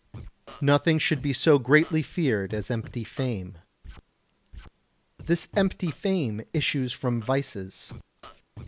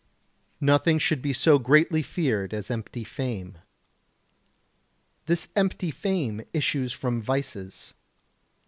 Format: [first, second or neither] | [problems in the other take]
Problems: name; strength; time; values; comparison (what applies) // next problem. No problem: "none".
second | background sound (Scratching (performance technique)); 20 dB below the speech